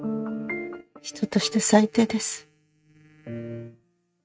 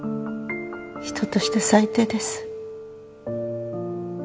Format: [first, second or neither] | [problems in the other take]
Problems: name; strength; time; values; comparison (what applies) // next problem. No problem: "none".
second | noise reduction (neural mask model RNNoise)